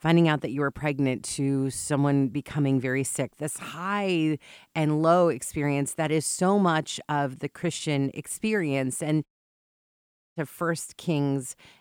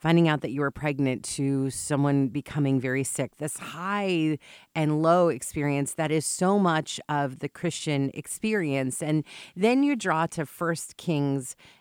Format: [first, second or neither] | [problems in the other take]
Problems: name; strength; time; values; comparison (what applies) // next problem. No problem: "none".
second | audio cutting out; at 9.5 s for 1 s